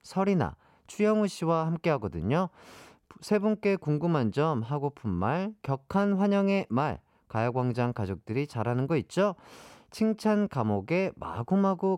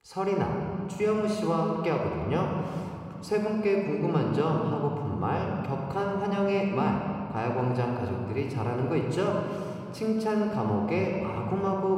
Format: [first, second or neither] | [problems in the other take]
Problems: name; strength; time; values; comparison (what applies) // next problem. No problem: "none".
first | room echo; noticeable; dies away in 2.2 s